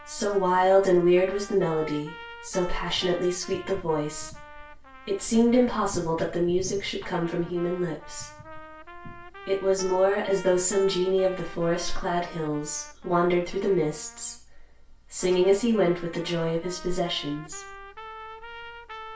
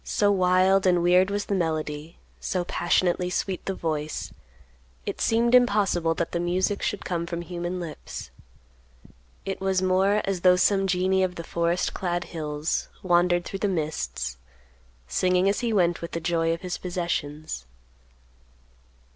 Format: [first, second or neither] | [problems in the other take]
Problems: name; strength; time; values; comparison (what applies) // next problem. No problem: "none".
second | background sound (Trumpet); 18 dB below the speech // room echo; dies away in 0.3 s